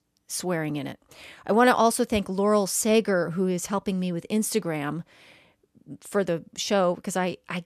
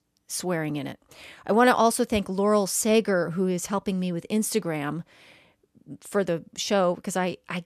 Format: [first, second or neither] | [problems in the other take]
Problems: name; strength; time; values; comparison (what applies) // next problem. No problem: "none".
neither | none